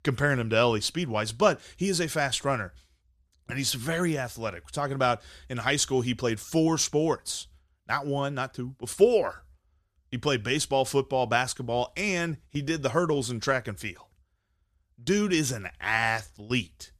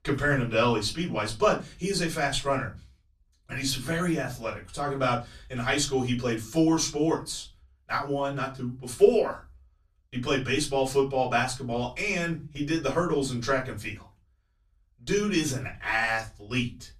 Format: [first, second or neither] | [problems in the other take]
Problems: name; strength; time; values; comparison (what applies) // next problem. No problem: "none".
first | off-mic speech; far // room echo; very slight; dies away in 0.3 s